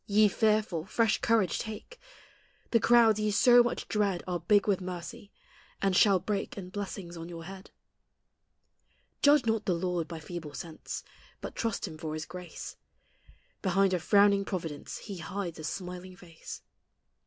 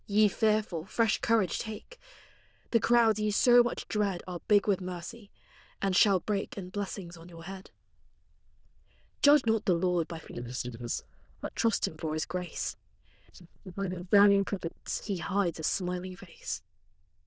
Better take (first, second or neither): first